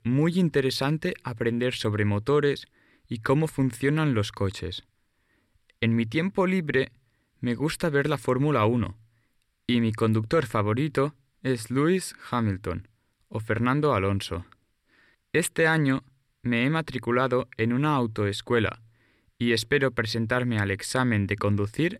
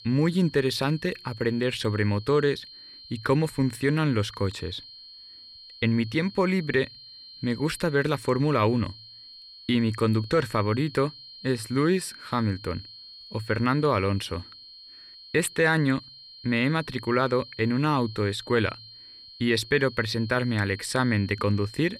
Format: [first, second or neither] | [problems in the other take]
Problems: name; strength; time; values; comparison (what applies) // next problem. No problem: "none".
first | high-pitched whine; noticeable; throughout; 4 kHz, 20 dB below the speech